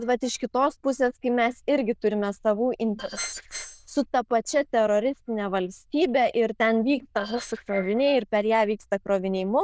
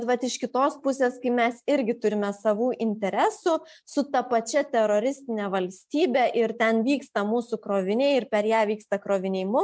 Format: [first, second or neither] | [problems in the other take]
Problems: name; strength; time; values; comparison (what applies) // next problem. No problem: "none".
second | noise reduction (neural diffusion model UNIVERSE++)